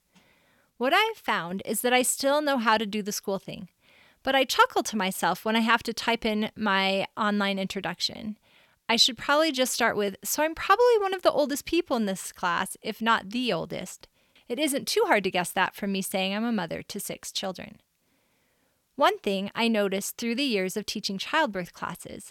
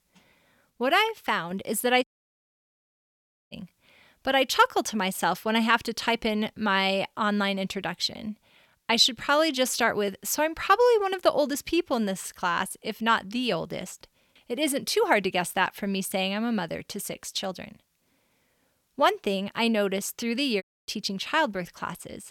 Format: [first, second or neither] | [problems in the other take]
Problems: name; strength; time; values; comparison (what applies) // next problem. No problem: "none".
first | audio cutting out; at 2 s for 1.5 s and at 21 s